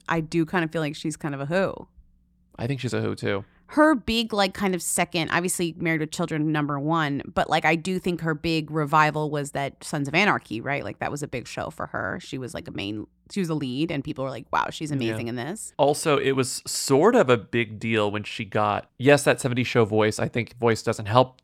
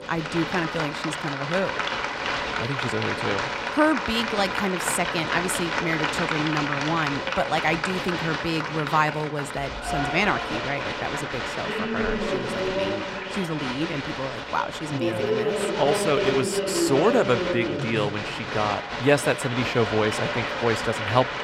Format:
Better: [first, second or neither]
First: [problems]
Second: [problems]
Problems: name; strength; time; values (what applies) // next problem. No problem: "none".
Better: first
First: none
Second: crowd noise; loud; throughout; 1 dB below the speech